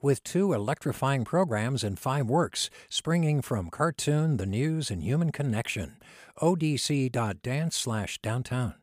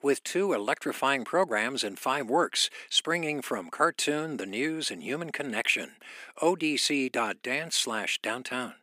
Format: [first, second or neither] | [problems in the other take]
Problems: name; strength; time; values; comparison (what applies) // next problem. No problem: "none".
first | thin; somewhat; fading below 250 Hz